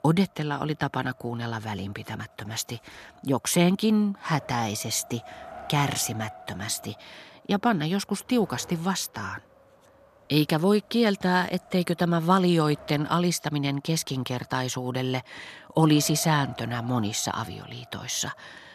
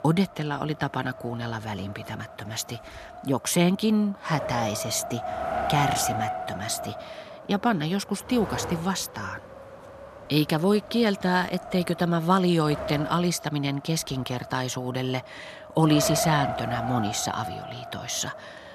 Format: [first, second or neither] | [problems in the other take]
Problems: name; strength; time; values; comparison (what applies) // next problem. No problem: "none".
first | wind noise on the microphone; heavy; 5 dB below the speech; occasional gusts in the first